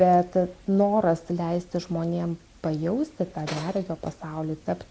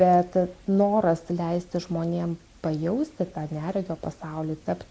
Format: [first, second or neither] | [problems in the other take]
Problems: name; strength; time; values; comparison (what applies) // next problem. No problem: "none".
second | background sound (Tools); 16 dB below the speech